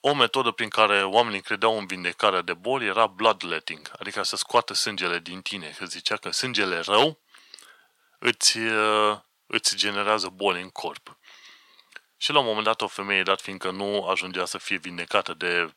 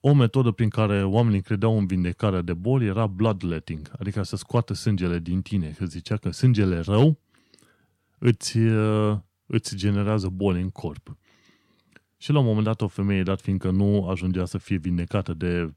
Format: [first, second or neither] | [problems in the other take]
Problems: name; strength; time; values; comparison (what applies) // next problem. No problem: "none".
second | thin; very; fading below 850 Hz